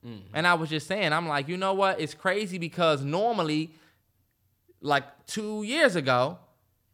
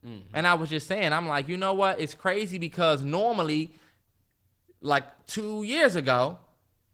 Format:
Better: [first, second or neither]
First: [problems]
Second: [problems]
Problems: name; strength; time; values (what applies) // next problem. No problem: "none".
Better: first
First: none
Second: garbled, watery; slightly